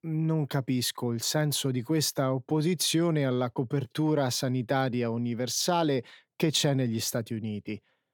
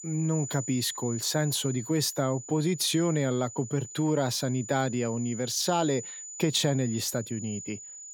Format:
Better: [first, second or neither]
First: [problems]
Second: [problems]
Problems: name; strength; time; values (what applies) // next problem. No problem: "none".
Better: first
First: none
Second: high-pitched whine; noticeable; throughout; 7 kHz, 10 dB below the speech